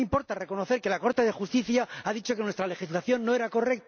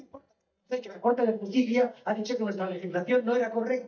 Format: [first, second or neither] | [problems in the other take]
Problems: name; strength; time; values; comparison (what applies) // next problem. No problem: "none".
first | noise reduction (neural mask model DeepFilterNet 3)